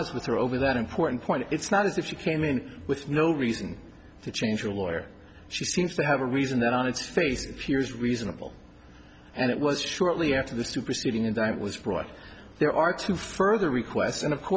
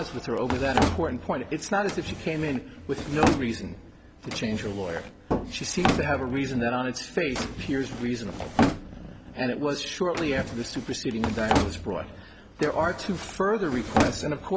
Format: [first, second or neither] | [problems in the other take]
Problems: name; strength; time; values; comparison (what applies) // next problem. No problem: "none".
first | background sound (Drawer open or close); 2 dB below the speech